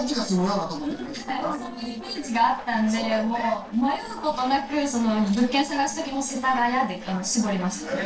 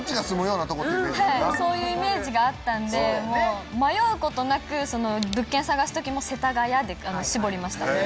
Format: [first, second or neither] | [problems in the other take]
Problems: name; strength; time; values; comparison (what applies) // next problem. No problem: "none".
second | noise reduction (neural separator model SepFormer DNS4)